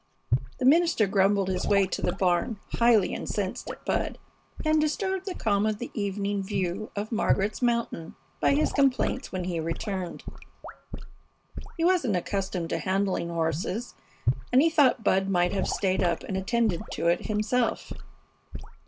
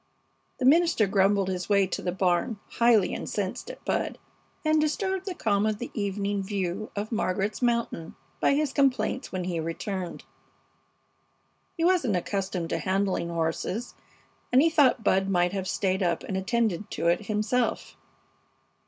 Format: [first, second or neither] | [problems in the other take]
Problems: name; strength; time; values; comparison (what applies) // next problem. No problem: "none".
second | background sound (Sink (filling or washing) / Gurgling / Liquid); 8 dB below the speech